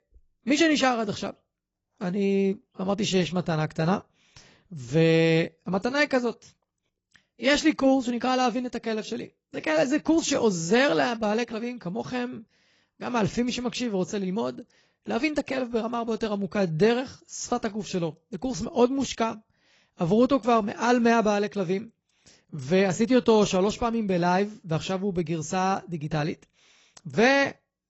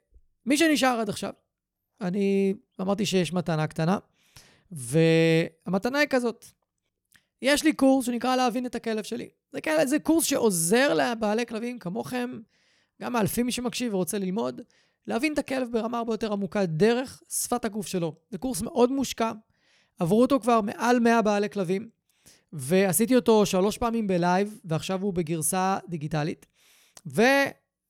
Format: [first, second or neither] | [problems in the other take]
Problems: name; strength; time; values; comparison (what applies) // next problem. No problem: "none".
second | garbled, watery; badly; nothing above 7.5 kHz